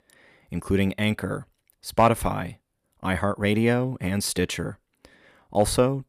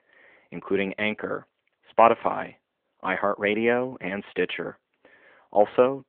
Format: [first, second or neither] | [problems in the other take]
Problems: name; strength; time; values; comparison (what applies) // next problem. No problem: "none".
first | phone-call audio; nothing above 3.5 kHz